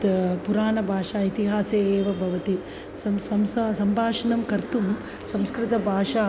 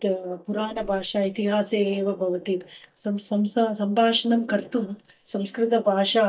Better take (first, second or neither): first